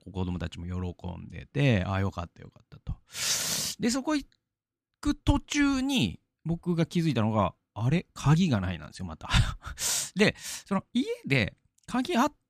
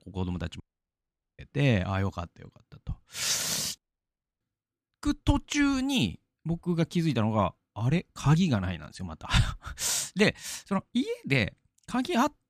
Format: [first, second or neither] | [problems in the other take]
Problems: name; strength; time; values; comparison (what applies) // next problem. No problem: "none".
first | audio cutting out; at 0.5 s for 1 s and at 4 s for 0.5 s